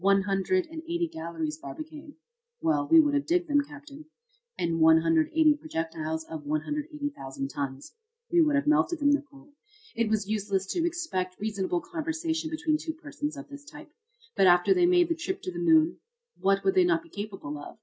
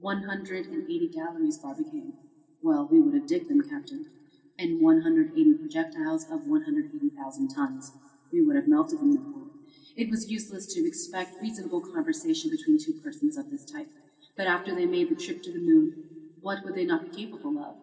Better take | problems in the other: first | room echo; dies away in 1.7 s

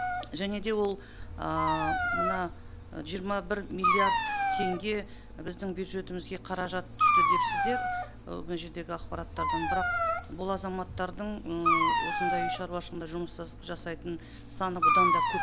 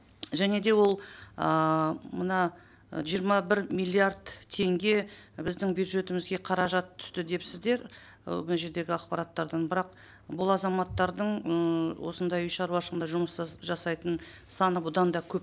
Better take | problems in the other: second | background sound (Dog); 4 dB above the speech

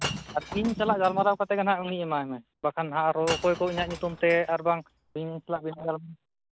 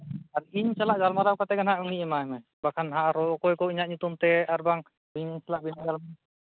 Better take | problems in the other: second | background sound (Shatter / Crushing); 14 dB below the speech

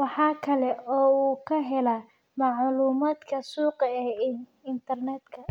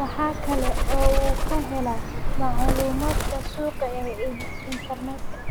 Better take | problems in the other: first | background sound (Bird); 5 dB above the speech

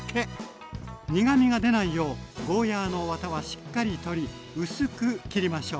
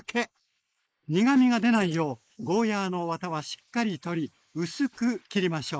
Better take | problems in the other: first | noise reduction (neural mask model Resemble Enhance denoiser)

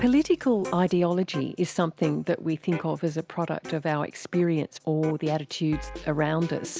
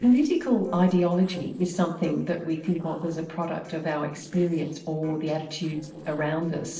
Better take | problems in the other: first | noise reduction (neural separator model SepFormer DNS4)

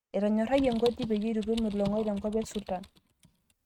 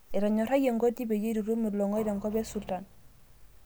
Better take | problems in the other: second | noise reduction (neural mask model RNNoise)

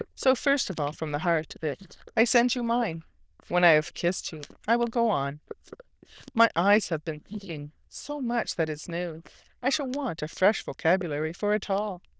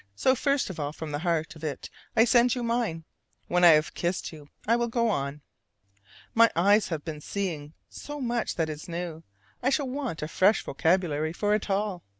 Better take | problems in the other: second | noise reduction (neural diffusion model UNIVERSE++)

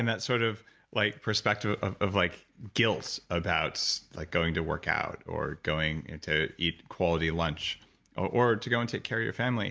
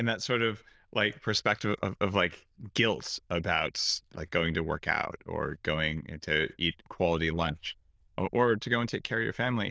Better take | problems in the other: first | noise reduction (neural diffusion model UNIVERSE++)

